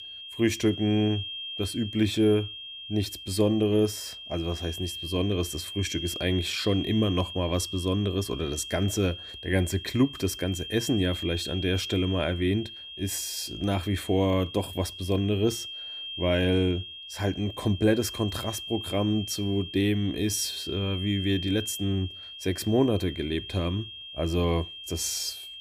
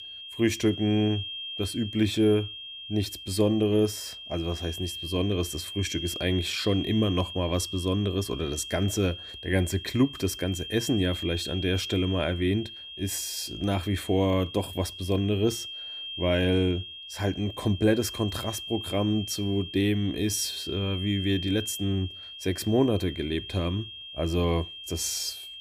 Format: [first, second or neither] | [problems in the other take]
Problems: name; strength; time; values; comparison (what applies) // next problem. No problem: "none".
neither | high-pitched whine; loud; throughout; 3 kHz, 9 dB below the speech; the same in both